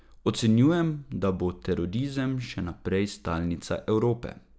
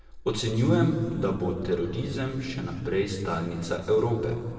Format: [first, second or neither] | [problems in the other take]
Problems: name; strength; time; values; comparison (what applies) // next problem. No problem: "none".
first | room echo; dies away in 2.1 s